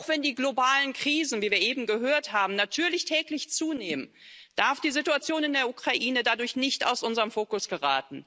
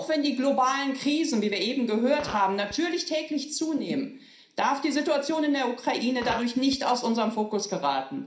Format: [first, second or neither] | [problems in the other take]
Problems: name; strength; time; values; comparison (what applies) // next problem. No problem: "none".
first | background sound (Fart); 17 dB below the speech // room echo; dies away in 0.5 s